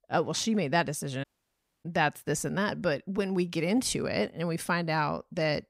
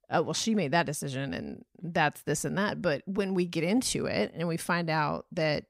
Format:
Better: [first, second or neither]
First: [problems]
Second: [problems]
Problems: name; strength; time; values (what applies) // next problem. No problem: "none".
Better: second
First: audio cutting out; at 1 s for 0.5 s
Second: none